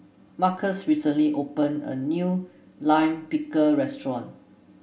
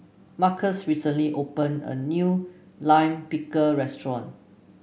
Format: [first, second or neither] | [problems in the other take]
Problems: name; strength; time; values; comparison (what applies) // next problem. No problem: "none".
second | room echo; dies away in 0.1 s